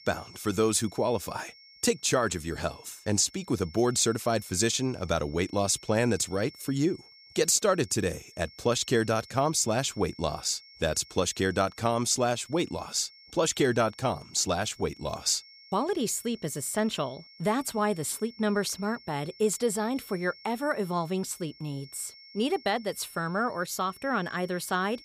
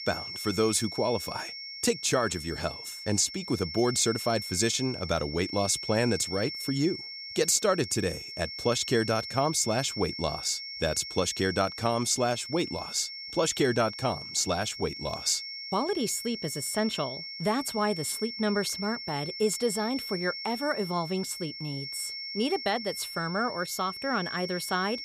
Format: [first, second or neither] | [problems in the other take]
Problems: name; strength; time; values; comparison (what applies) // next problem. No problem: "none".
first | high-pitched whine; loud; throughout; 5.5 kHz, 7 dB below the speech; faint in the first